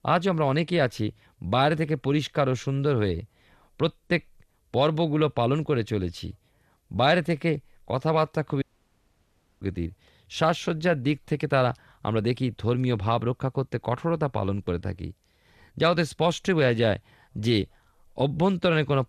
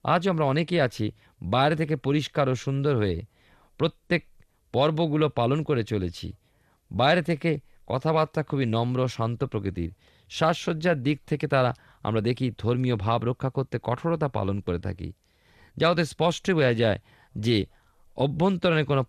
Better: second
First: audio cutting out; at 8.5 s for 1 s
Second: none

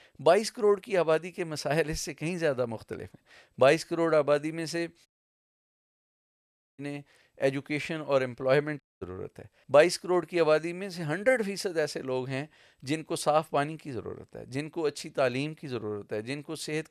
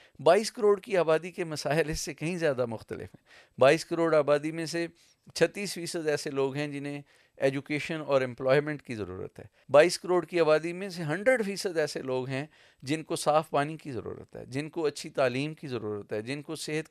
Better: second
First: audio cutting out; at 5 s for 1.5 s and at 9 s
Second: none

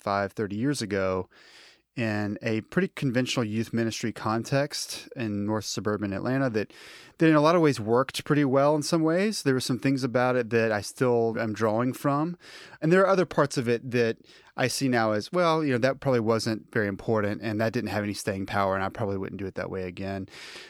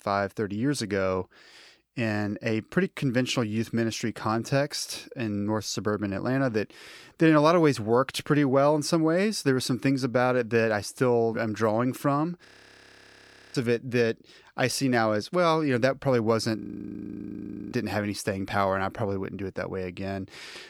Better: first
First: none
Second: audio freezing; at 12 s for 1 s and at 17 s for 1 s

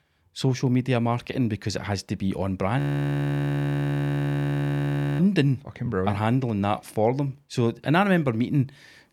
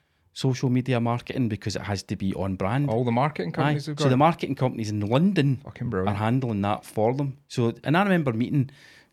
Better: second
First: audio freezing; at 3 s for 2.5 s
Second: none

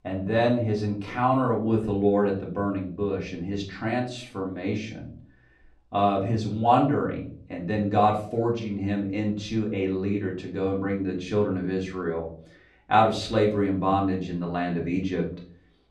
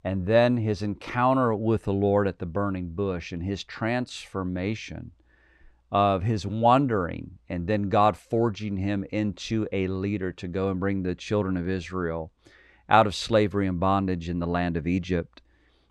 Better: second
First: off-mic speech; far // room echo; slight; dies away in 0.4 s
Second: none

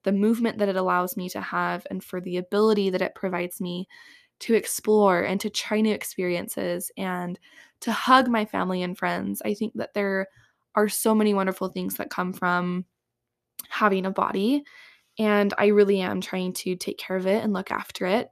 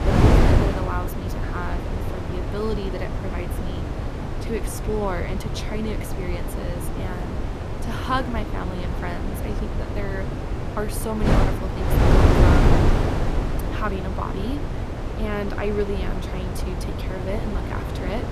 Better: first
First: none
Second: wind noise on the microphone; heavy; 2 dB above the speech

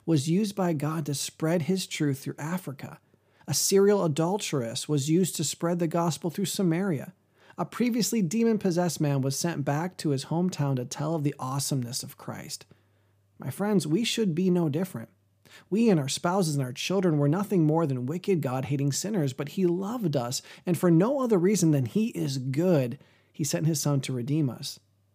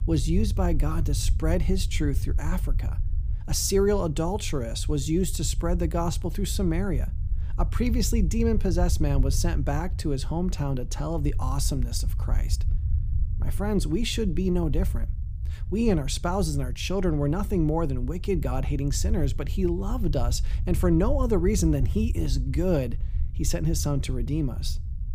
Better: first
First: none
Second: low rumble; noticeable; throughout; 20 dB below the speech

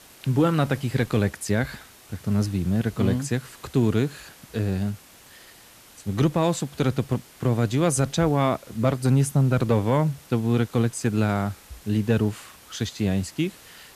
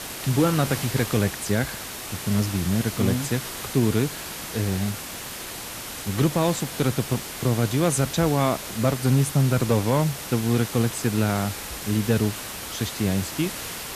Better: first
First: hiss; faint; throughout; 25 dB below the speech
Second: hiss; loud; throughout; 8 dB below the speech

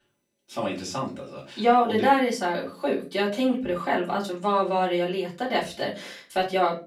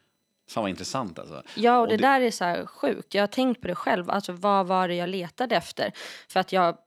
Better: second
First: off-mic speech; far // room echo; very slight; dies away in 0.3 s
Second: none

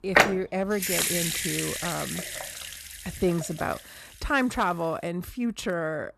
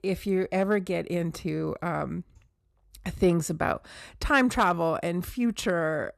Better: second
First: household noises; very loud; throughout; 2 dB above the speech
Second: none

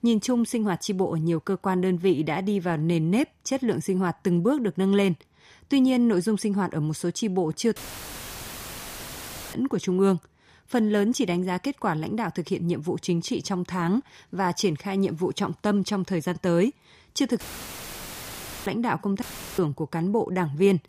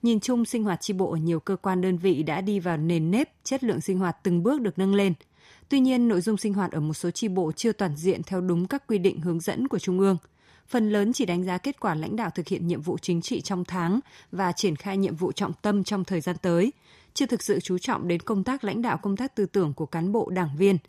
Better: second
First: audio cutting out; filled with static; at 8 s for 2 s, at 17 s for 1.5 s and at 19 s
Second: none

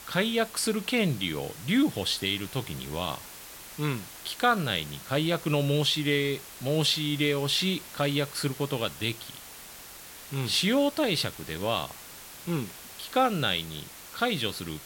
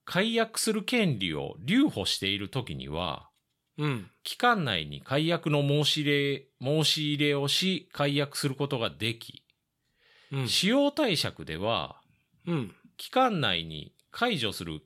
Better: second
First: hiss; noticeable; throughout; 15 dB below the speech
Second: none

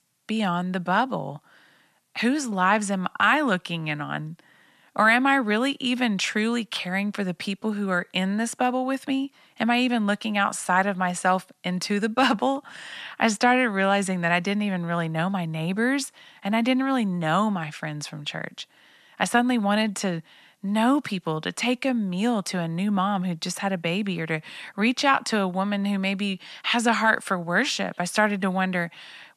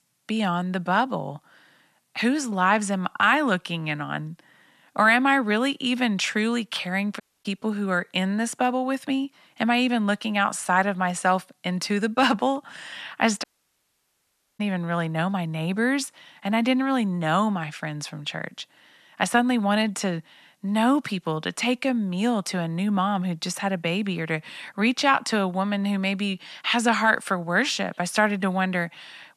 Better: first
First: none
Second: audio cutting out; at 7 s and at 13 s for 1 s

